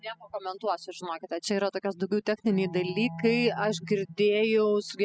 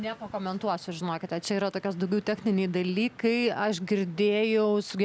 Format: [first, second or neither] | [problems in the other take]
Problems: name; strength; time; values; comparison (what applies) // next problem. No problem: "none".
second | noise reduction (classical method spectral subtraction)